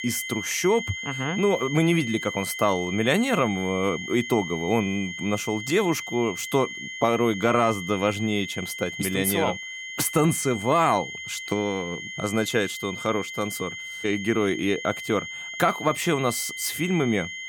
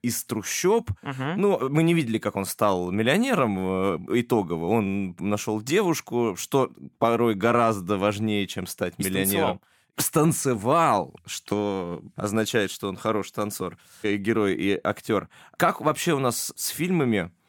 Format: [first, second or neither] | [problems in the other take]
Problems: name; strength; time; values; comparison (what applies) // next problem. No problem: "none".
second | high-pitched whine; loud; throughout; 2 kHz, 8 dB below the speech